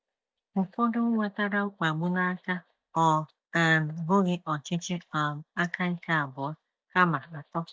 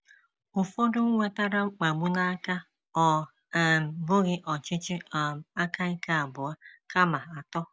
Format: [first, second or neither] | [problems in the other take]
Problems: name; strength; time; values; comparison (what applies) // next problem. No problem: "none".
second | noise reduction (neural mask model DeepFilterNet 3)